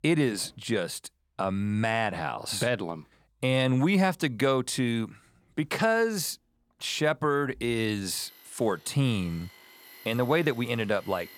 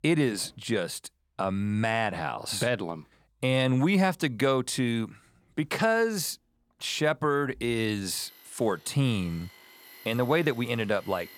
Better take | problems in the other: neither | machinery noise; faint; throughout; 25 dB below the speech; the same in both

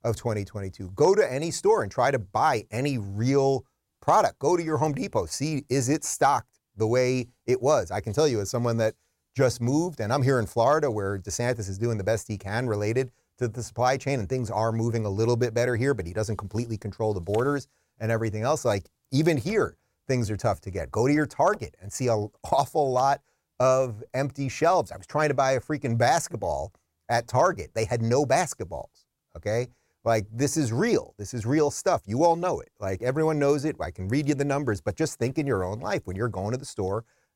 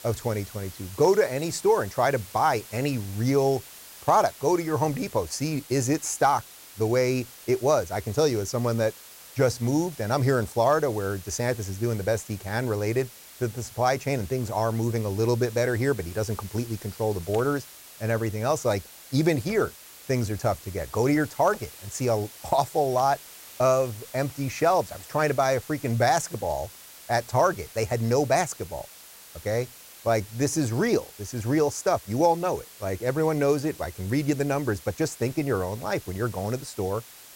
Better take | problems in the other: first | hiss; noticeable; throughout; 15 dB below the speech

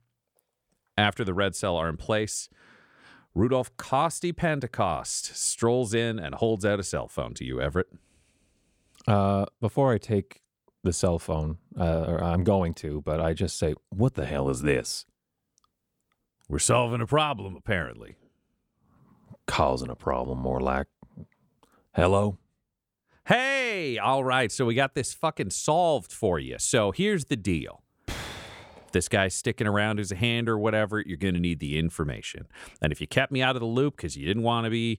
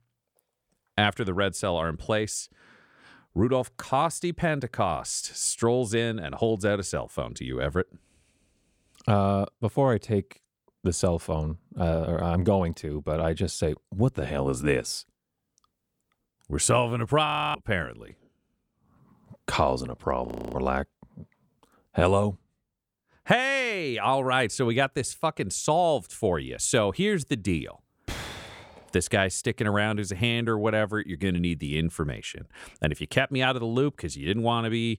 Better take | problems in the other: first | audio freezing; at 17 s and at 20 s

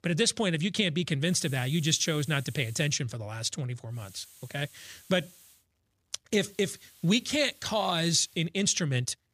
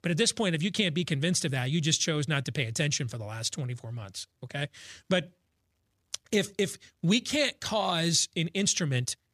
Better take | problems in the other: second | hiss; faint; from 1.5 to 3 s, from 4 to 5.5 s and from 6.5 to 8.5 s; 20 dB below the speech

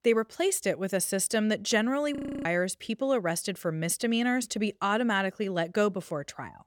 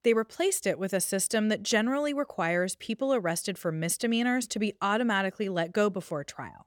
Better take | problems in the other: second | audio freezing; at 2 s

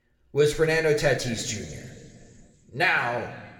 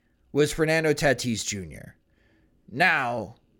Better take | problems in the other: second | room echo; slight; dies away in 2.2 s

